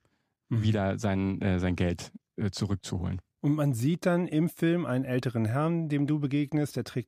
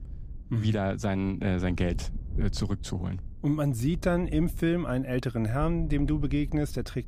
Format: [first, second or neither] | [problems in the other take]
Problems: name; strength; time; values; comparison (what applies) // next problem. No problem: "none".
first | wind noise on the microphone; occasional gusts; 25 dB below the speech